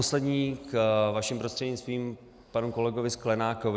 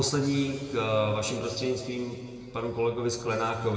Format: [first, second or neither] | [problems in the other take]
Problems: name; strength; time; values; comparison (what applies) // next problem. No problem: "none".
first | room echo; dies away in 2.2 s